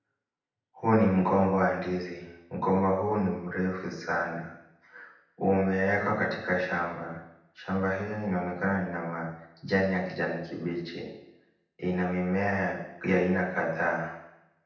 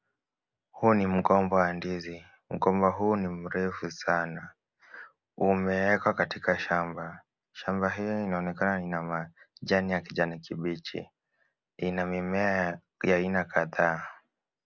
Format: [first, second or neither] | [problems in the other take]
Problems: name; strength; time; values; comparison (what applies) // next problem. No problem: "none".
second | room echo; dies away in 0.8 s